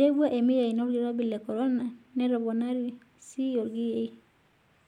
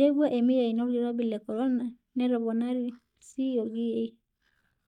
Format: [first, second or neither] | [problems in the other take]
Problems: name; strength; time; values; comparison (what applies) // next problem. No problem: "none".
first | noise reduction (neural mask model DeepFilterNet 3)